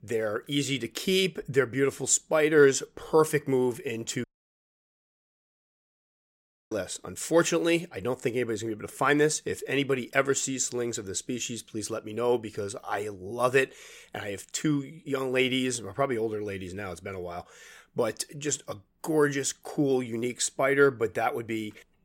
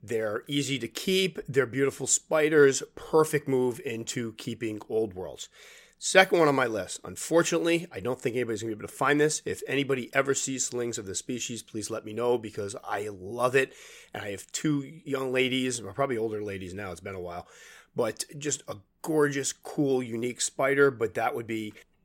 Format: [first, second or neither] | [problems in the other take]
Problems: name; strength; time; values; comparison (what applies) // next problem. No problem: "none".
second | audio cutting out; at 4 s for 2.5 s